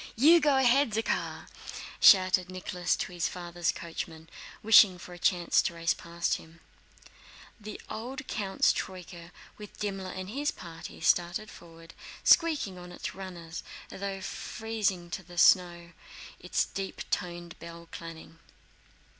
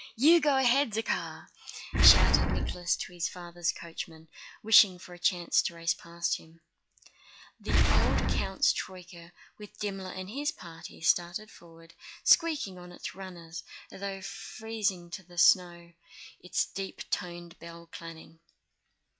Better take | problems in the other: first | noise reduction (classical method log-MMSE)

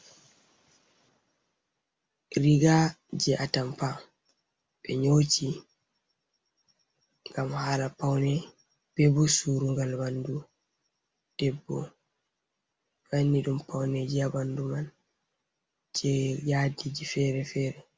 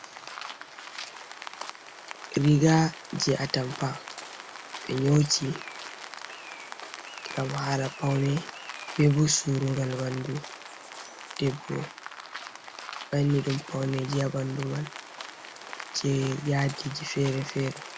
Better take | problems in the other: first | background sound (Rain); 12 dB below the speech

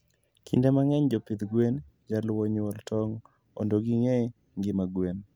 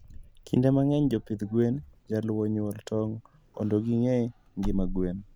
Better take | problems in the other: first | background sound (Wind / Car); 12 dB below the speech

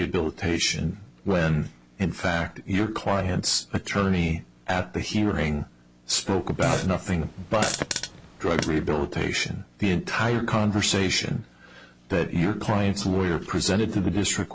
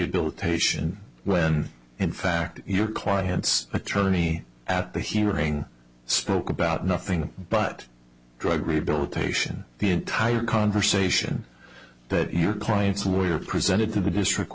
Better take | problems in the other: second | background sound (Fart); 7 dB below the speech

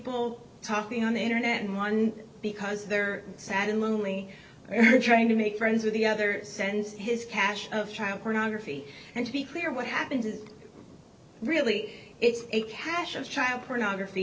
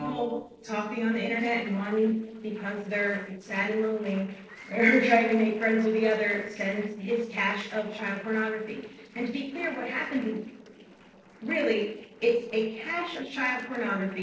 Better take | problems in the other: first | noise reduction (neural separator model SepFormer DNS4)

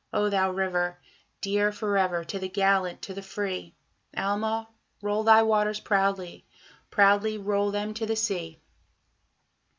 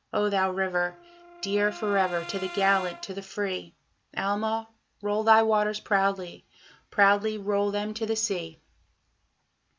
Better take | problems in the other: first | background sound (Brass instrument); 16 dB below the speech

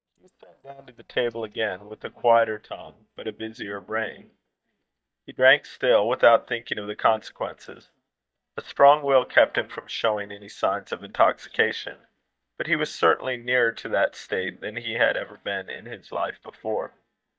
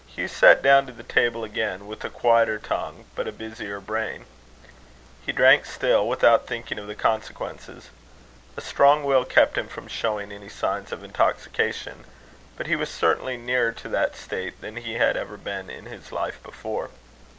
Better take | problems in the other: second | noise reduction (neural mask model DeepFilterNet 3)

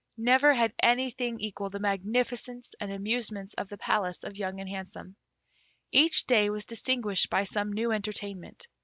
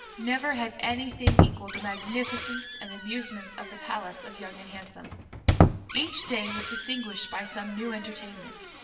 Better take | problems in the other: first | background sound (Squeak); 5 dB above the speech // room echo; dies away in 0.9 s

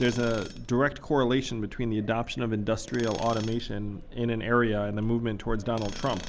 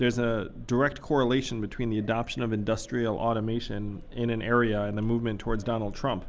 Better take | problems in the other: second | background sound (Tools); 19 dB below the speech

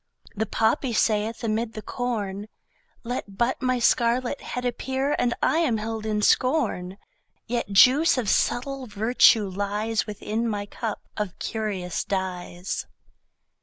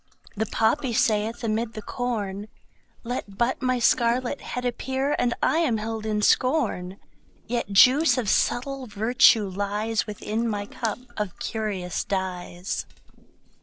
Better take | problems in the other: first | noise reduction (neural separator model SepFormer DNS4)

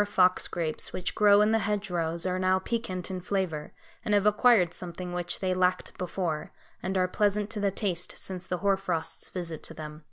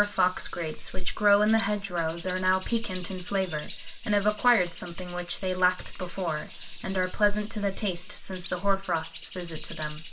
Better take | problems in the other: first | background sound (Bird); 20 dB below the speech // room echo; dies away in 0.2 s

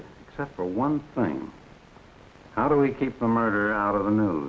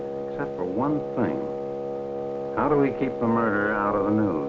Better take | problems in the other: first | background sound (Wind instrument, woodwind instrument); 4 dB below the speech

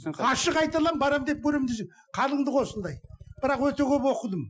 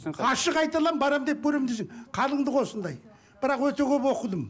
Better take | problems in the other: second | noise reduction (classical method Wiener filter)

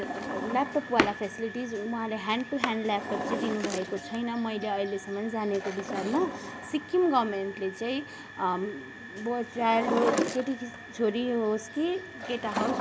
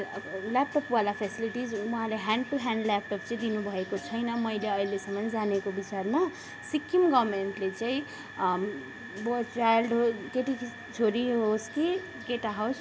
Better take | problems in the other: second | background sound (Drawer open or close); 6 dB below the speech

